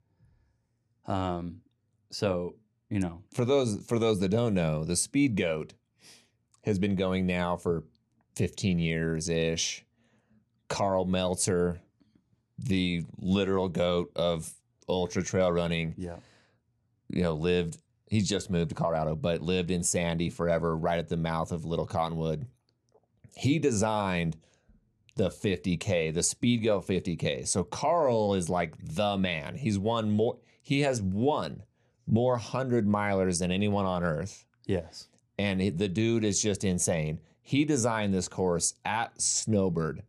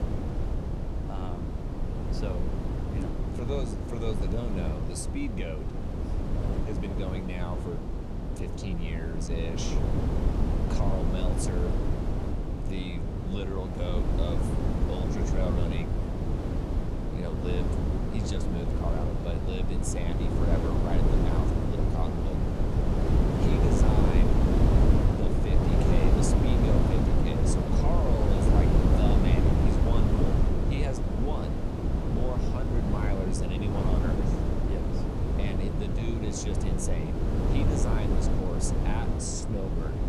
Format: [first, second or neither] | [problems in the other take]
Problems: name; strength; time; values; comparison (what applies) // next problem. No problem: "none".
first | wind noise on the microphone; heavy; 3 dB above the speech